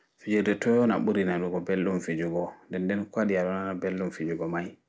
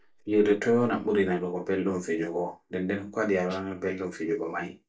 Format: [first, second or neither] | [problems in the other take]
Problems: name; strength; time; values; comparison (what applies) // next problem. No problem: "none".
first | noise reduction (neural mask model DeepFilterNet 3)